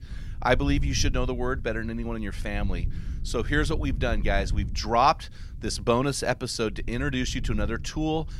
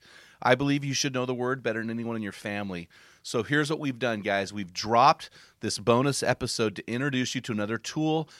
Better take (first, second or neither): second